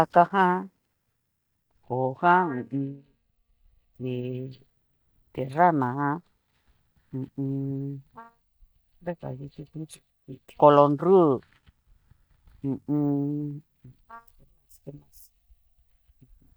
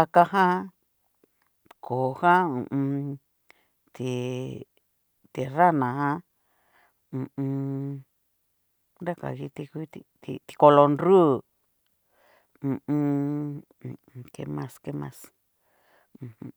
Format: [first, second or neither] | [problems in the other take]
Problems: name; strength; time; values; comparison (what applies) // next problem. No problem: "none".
second | noise reduction (neural mask model DeepFilterNet 3)